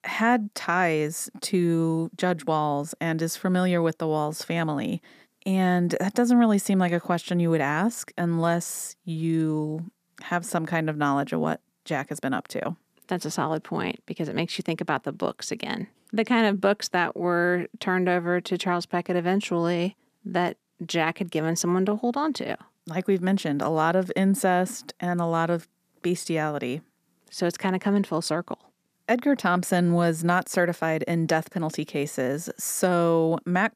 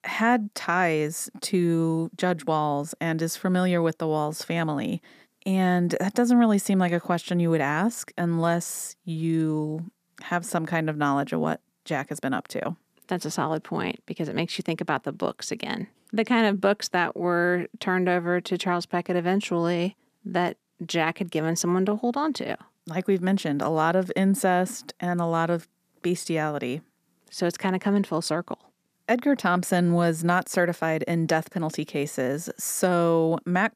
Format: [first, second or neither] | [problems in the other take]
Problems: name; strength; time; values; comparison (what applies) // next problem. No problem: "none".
neither | none